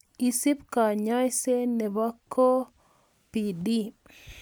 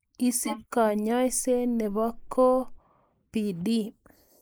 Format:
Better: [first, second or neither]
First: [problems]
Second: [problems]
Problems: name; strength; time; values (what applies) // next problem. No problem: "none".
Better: first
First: none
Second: noise reduction (neural mask model Resemble Enhance denoiser)